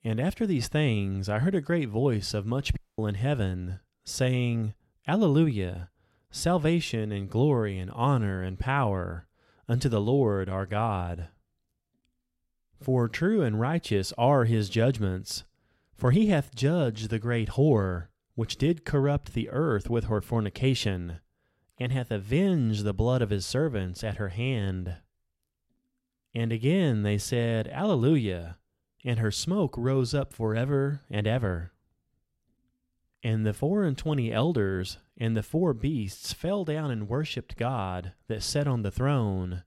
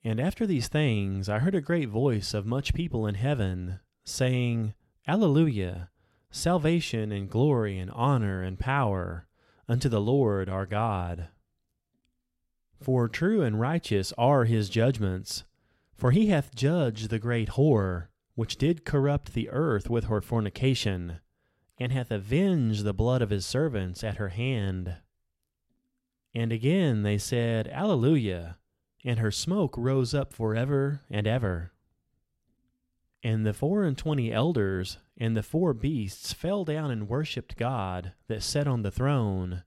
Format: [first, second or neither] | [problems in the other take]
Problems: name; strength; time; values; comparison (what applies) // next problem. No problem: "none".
second | audio cutting out; at 3 s